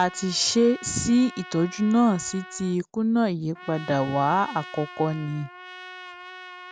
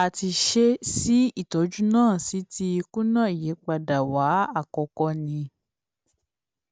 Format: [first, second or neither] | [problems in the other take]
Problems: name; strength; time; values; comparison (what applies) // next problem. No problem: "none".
second | background sound (Trumpet); 17 dB below the speech